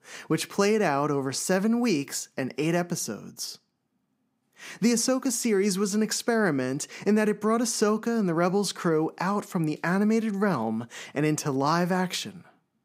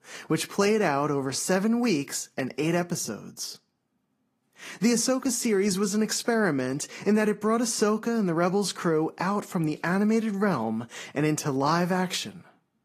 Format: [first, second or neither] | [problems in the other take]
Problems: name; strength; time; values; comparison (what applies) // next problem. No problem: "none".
first | garbled, watery; slightly; nothing above 14.5 kHz